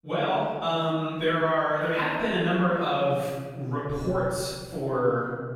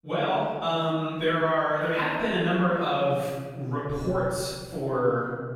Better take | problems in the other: neither | off-mic speech; far; the same in both // room echo; strong; dies away in 1.7 s; the same in both

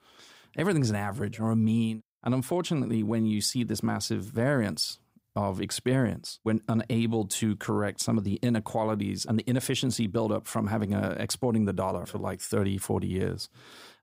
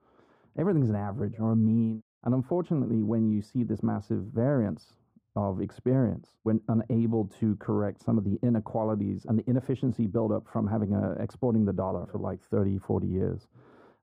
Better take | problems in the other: first | muffled; very; fading above 2 kHz

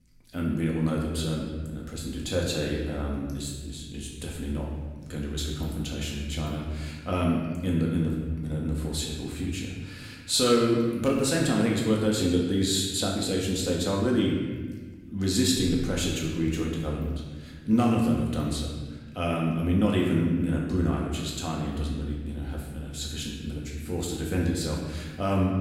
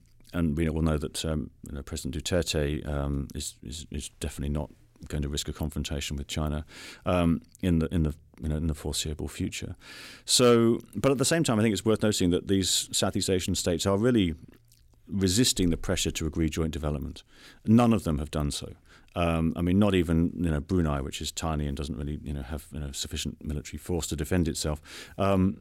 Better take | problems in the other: second | room echo; noticeable; dies away in 1.3 s // off-mic speech; far

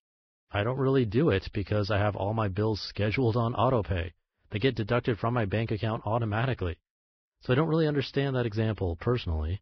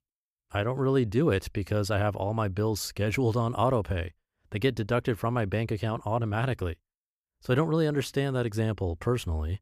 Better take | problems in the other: second | garbled, watery; badly; nothing above 5.5 kHz

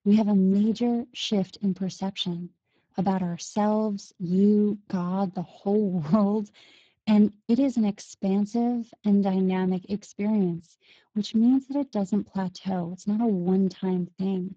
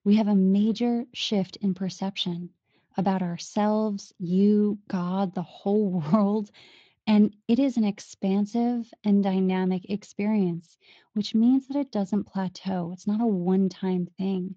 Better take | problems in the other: second | garbled, watery; badly; nothing above 7.5 kHz; slightly in the second

